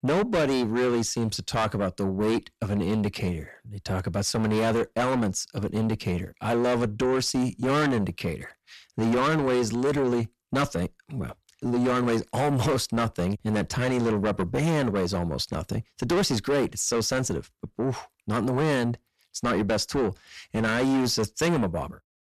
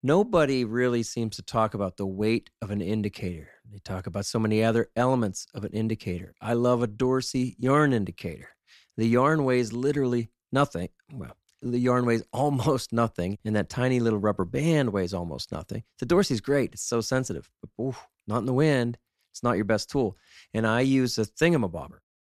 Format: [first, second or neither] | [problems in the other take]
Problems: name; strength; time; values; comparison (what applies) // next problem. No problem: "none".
second | distortion; heavy; 5 dB below the speech